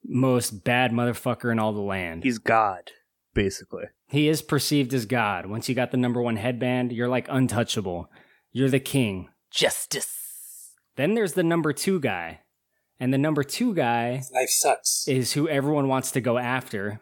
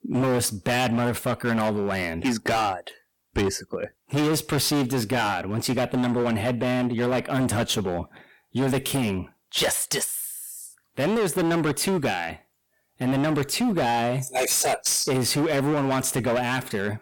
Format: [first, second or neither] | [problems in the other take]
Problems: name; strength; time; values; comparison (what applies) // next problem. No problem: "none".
first | distortion; heavy; 20% of the sound clipped